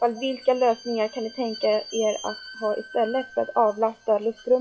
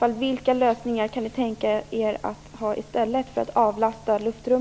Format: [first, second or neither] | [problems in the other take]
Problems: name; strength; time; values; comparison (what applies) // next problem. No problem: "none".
second | noise reduction (classical method WPE with log-MMSE)